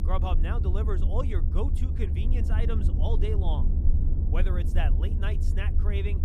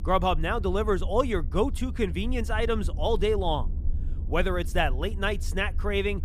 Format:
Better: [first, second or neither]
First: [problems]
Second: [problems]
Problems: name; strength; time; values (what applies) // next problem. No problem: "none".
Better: second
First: low rumble; loud; throughout; 5 dB below the speech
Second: low rumble; faint; throughout; 20 dB below the speech